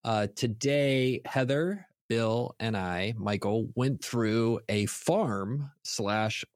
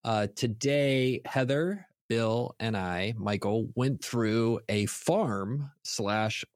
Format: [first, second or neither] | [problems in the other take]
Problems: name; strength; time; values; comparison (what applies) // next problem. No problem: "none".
neither | none